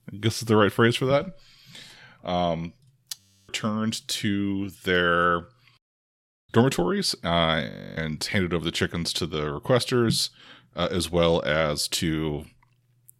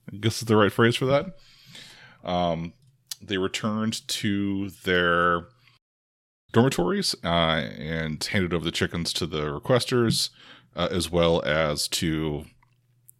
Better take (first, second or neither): second